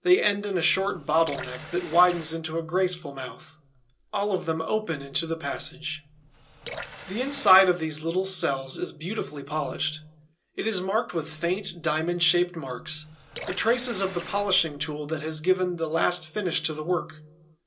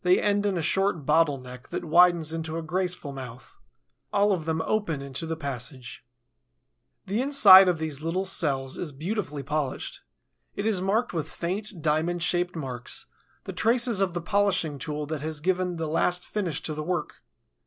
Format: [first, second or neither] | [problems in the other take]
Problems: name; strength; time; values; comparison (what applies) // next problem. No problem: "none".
second | background sound (Water tap, faucet / Water); 14 dB below the speech // room echo; dies away in 0.2 s